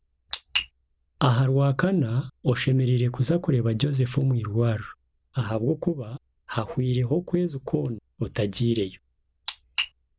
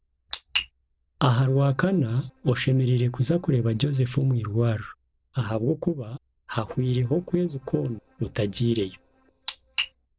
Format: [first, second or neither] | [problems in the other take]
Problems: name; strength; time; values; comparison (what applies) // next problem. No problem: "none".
first | noise reduction (neural separator model SepFormer DNS4)